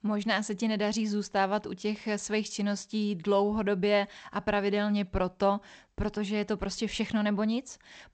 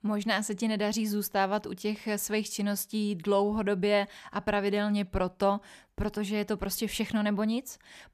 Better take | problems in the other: second | garbled, watery; slightly; nothing above 8 kHz

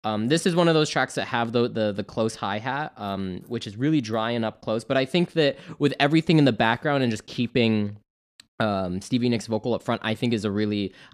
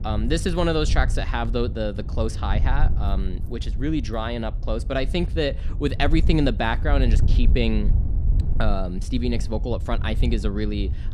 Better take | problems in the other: first | wind noise on the microphone; occasional gusts; 15 dB below the speech

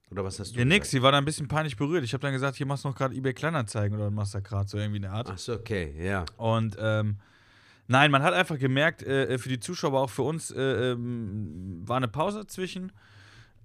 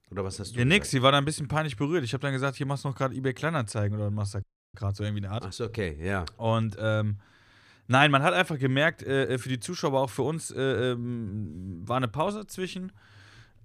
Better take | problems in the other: first | audio freezing; at 4.5 s

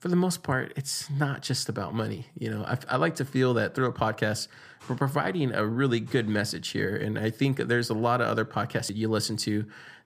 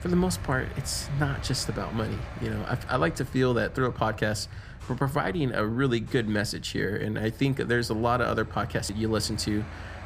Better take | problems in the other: first | train or aircraft noise; noticeable; throughout; 15 dB below the speech

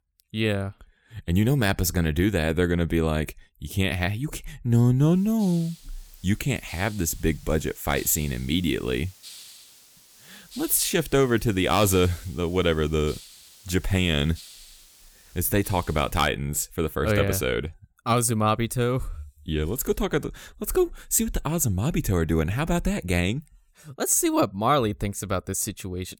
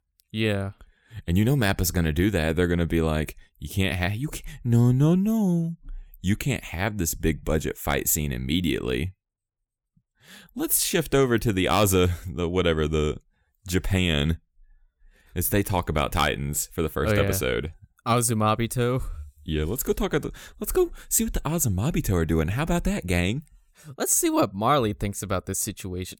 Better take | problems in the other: second | hiss; faint; from 5 to 16 s; 20 dB below the speech

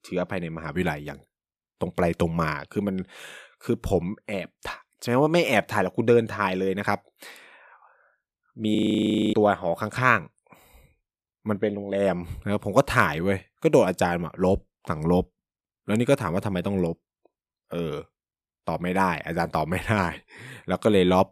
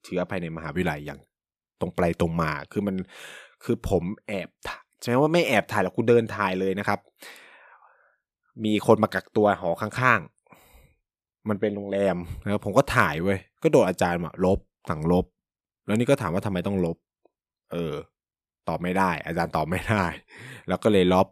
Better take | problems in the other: second | audio freezing; at 9 s for 0.5 s

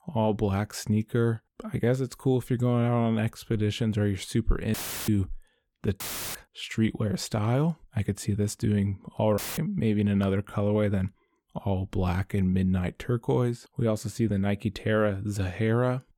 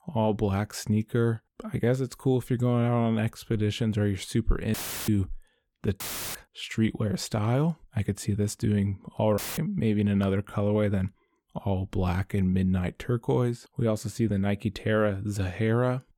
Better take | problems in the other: neither | audio cutting out; filled with static; at 4.5 s, at 6 s and at 9.5 s; the same in both

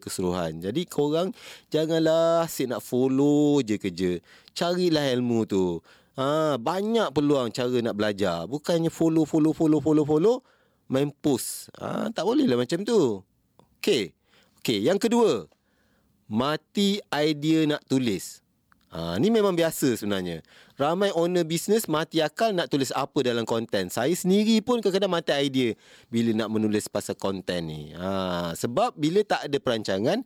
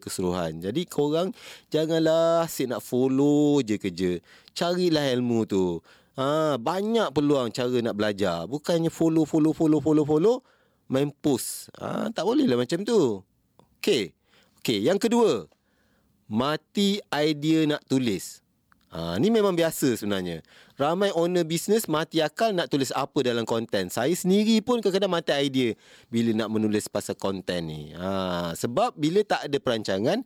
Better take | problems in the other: neither | none

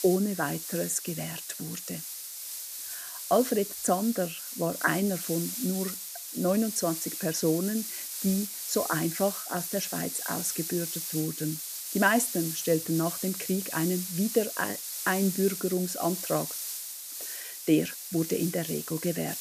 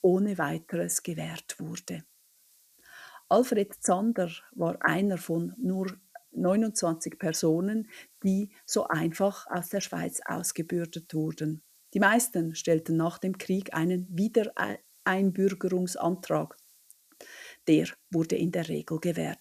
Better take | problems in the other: second | hiss; loud; throughout; 5 dB below the speech; faint in the second

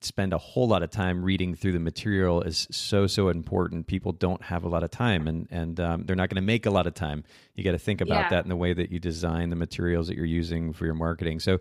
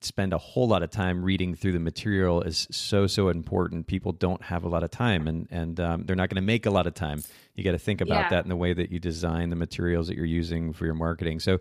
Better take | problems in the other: first | jangling keys; faint; at 7 s; peak 15 dB below the speech

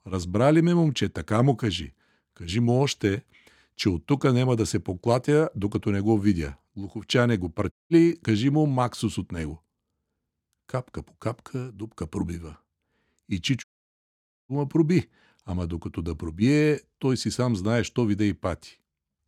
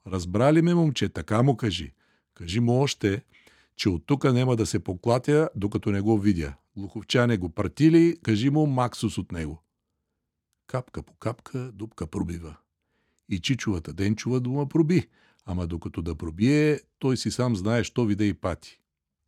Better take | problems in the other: second | audio cutting out; at 7.5 s and at 14 s for 1 s

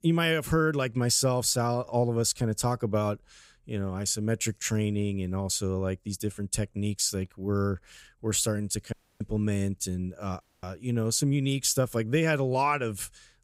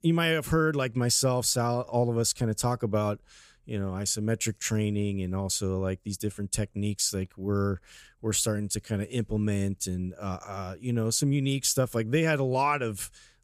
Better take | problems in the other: second | audio cutting out; at 9 s and at 10 s

